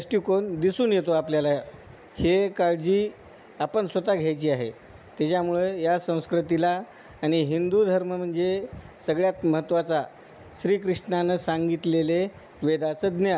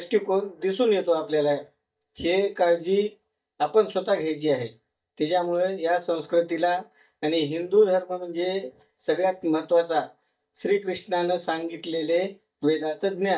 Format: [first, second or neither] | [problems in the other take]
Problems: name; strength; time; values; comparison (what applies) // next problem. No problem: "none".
first | noise reduction (neural mask model DeepFilterNet 3)